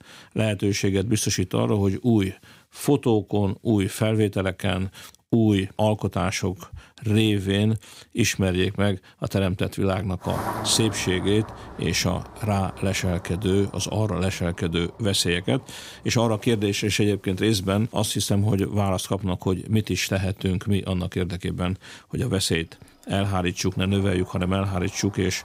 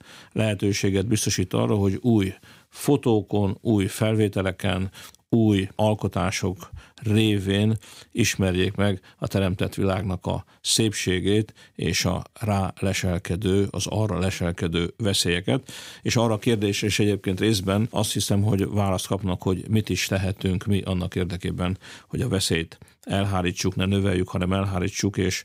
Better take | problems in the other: second | traffic noise; noticeable; from 10 s on; 15 dB below the speech

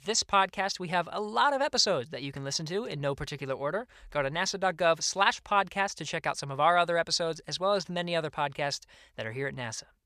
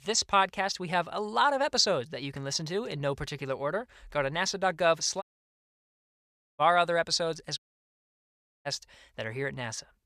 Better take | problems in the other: first | audio cutting out; at 5 s for 1.5 s and at 7.5 s for 1 s

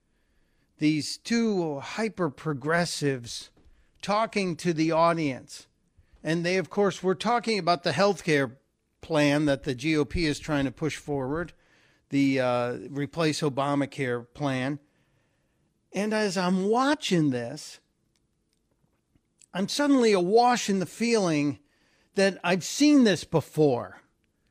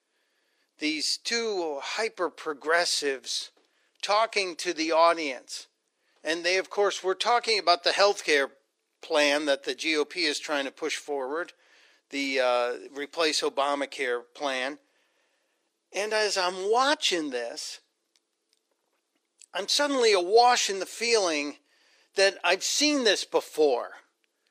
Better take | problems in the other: first | thin; somewhat; fading below 400 Hz

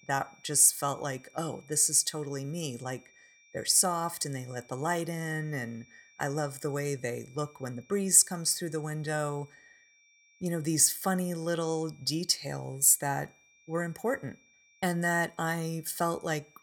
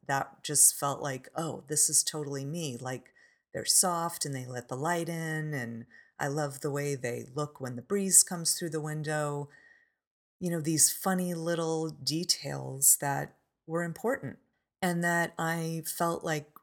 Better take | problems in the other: second | high-pitched whine; faint; throughout; 2.5 kHz, 30 dB below the speech

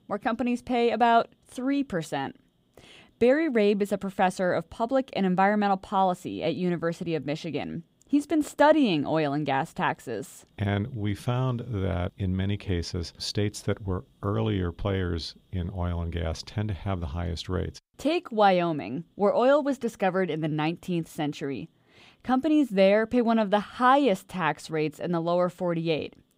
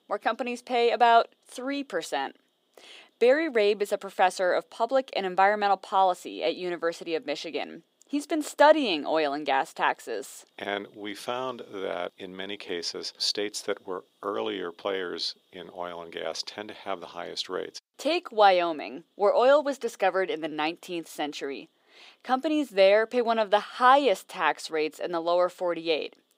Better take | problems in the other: first | thin; somewhat; fading below 350 Hz

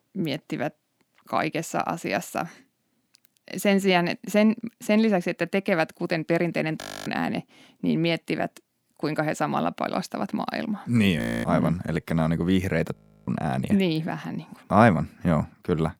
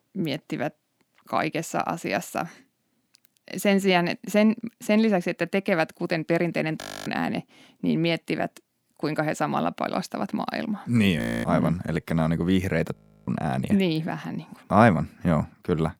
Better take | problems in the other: neither | audio freezing; at 7 s, at 11 s and at 13 s; the same in both

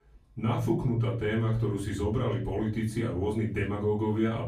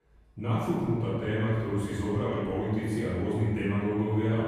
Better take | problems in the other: first | room echo; strong; dies away in 1.6 s; slight in the first // off-mic speech; far; far in the first

